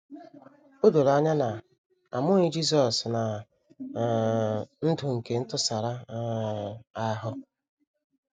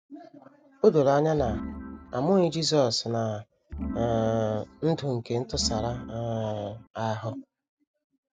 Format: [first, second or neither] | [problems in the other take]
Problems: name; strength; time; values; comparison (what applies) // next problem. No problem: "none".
first | background sound (Organ); 10 dB below the speech